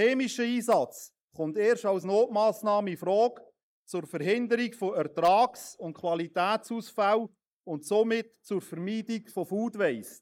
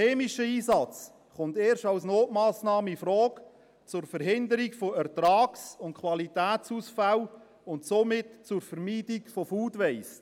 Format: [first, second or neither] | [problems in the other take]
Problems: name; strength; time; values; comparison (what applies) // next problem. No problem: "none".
second | noise reduction (neural mask model Resemble Enhance denoiser)